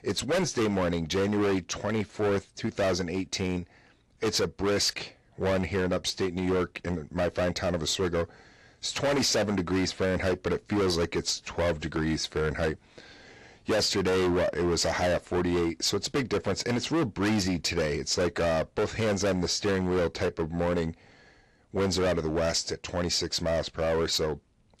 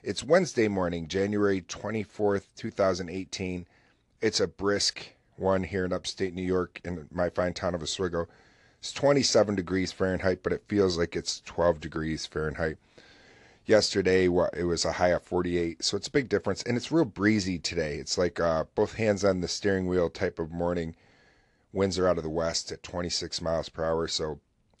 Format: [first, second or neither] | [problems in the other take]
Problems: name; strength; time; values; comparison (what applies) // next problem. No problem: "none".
second | distortion; heavy; 19% of the sound clipped